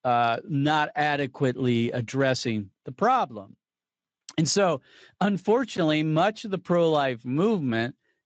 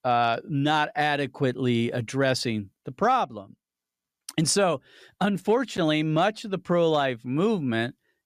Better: second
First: garbled, watery; slightly; nothing above 7.5 kHz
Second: none

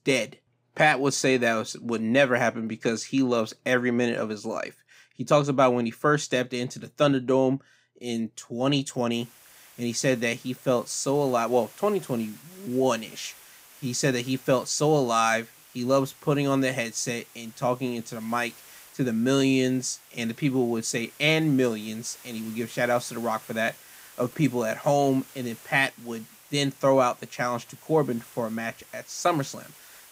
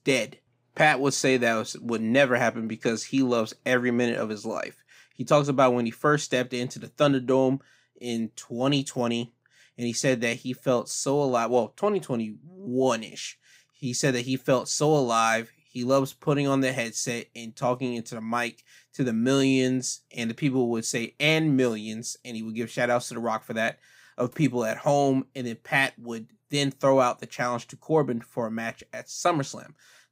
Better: second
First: hiss; faint; from 9 s on; 20 dB below the speech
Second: none

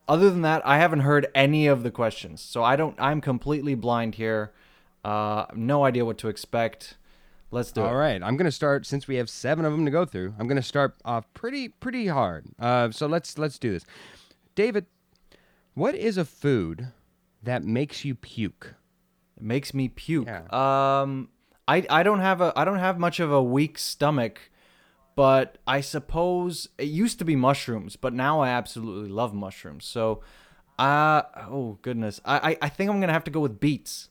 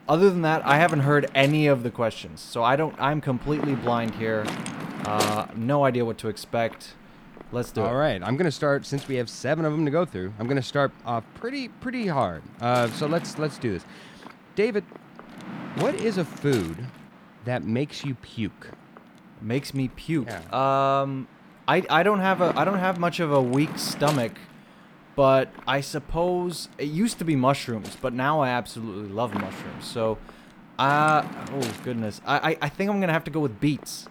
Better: first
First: none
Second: wind noise on the microphone; occasional gusts; 15 dB below the speech

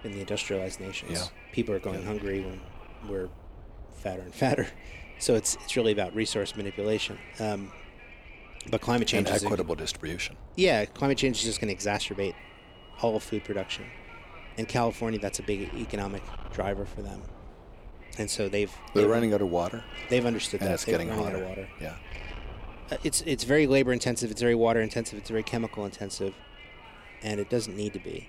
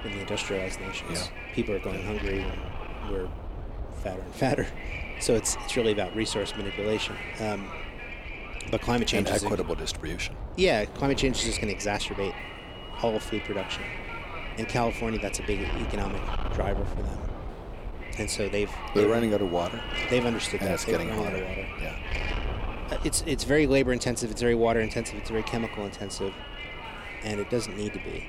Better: first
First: wind noise on the microphone; occasional gusts; 15 dB below the speech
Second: wind noise on the microphone; heavy; 7 dB below the speech

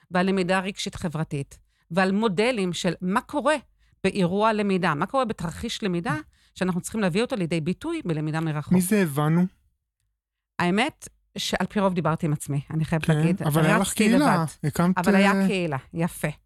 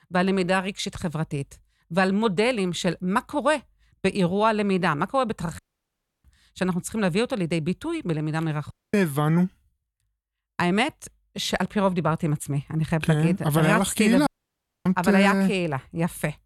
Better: first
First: none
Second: audio cutting out; at 5.5 s for 0.5 s, at 8.5 s and at 14 s for 0.5 s

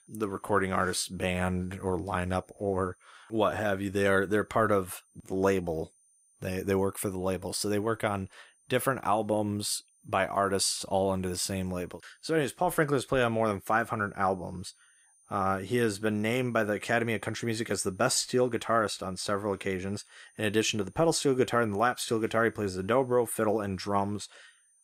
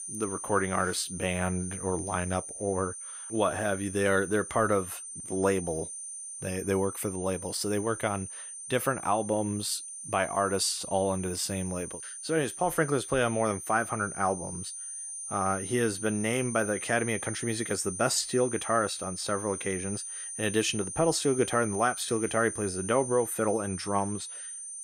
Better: first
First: high-pitched whine; faint; throughout; 9 kHz, 35 dB below the speech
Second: high-pitched whine; loud; throughout; 9 kHz, 8 dB below the speech

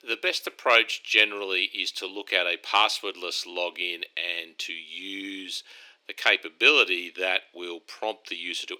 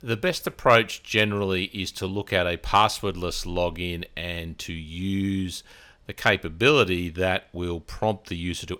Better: second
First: thin; somewhat; fading below 300 Hz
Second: none

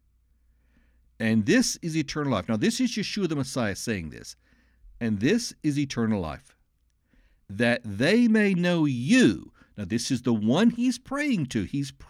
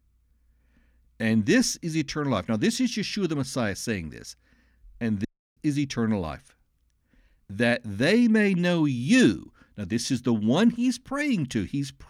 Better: first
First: none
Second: audio cutting out; at 5.5 s

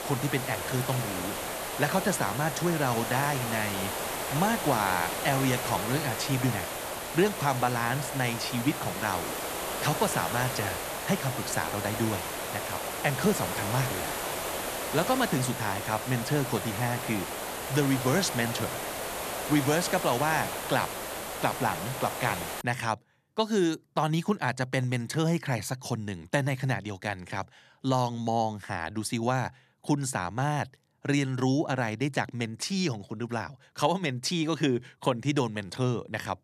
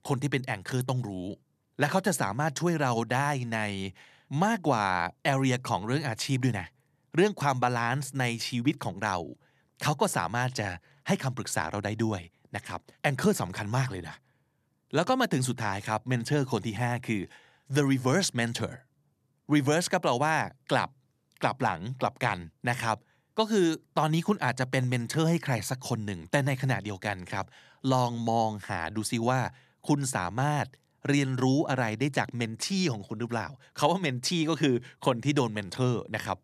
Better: second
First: hiss; loud; until 23 s; 3 dB below the speech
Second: none

